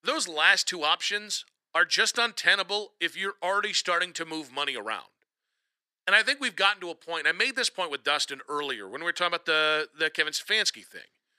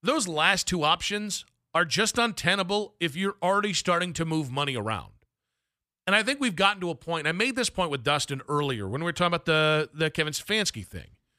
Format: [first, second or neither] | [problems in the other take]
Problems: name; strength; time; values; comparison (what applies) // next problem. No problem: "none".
second | thin; very; fading below 300 Hz